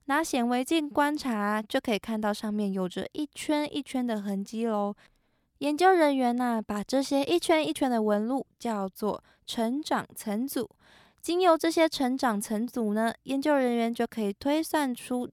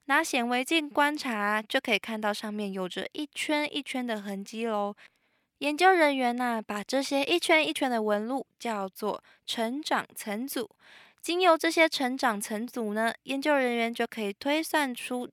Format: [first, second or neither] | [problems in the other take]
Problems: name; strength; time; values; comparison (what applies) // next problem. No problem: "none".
first | thin; very slightly; fading below 650 Hz